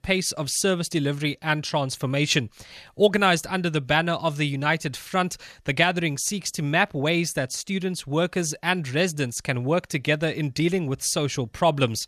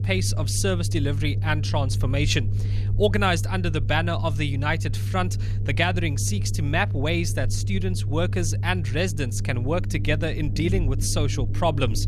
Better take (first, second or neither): first